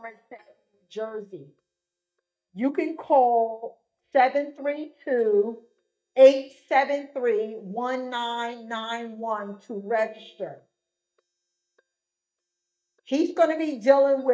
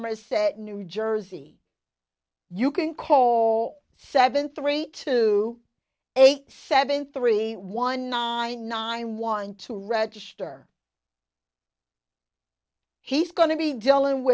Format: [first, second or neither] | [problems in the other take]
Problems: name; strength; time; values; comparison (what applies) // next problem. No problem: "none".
second | noise reduction (neural mask model DeepFilterNet 3)